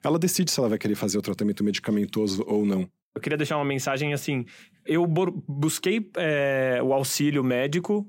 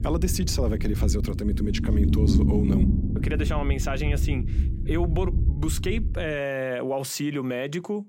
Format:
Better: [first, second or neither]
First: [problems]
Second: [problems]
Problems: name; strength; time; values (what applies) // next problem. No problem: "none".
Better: first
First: none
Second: low rumble; loud; until 6.5 s; 6 dB below the speech